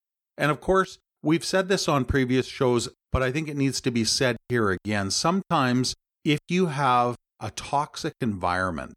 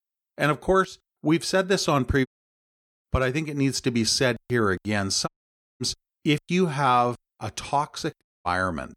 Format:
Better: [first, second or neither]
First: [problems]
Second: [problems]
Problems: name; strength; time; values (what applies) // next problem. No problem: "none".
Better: first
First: none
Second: audio cutting out; at 2.5 s for 1 s, at 5.5 s for 0.5 s and at 8 s